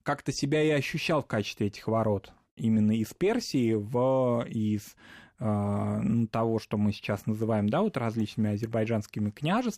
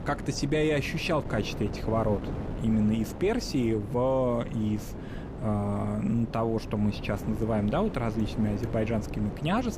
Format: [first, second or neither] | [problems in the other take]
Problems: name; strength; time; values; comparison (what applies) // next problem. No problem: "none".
first | wind noise on the microphone; occasional gusts; 10 dB below the speech